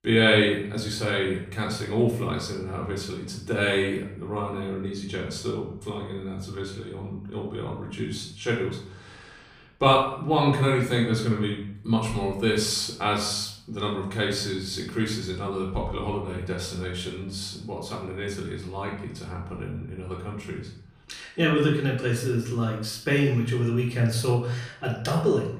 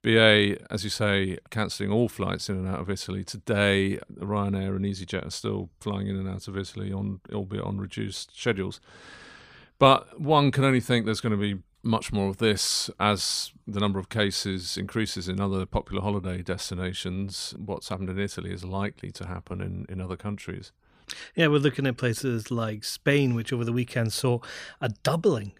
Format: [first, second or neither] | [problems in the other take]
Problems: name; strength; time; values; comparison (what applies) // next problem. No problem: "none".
second | off-mic speech; far // room echo; noticeable; dies away in 0.6 s